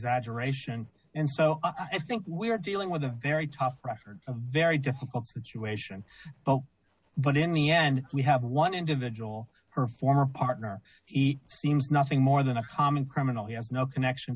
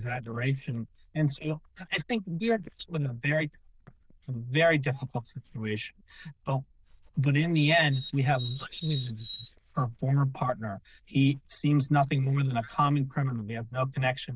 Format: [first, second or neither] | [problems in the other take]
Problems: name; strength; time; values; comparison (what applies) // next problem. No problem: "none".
first | noise reduction (neural diffusion model UNIVERSE++)